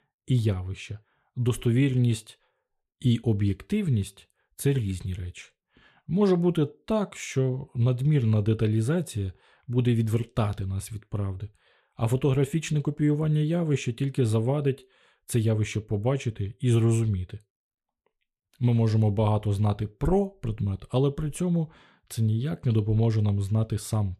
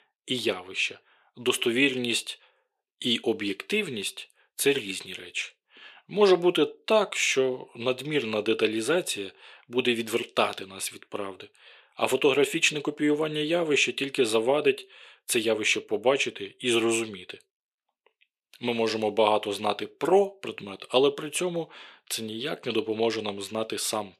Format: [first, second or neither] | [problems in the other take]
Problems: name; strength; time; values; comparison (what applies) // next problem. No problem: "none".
first | thin; very; fading below 350 Hz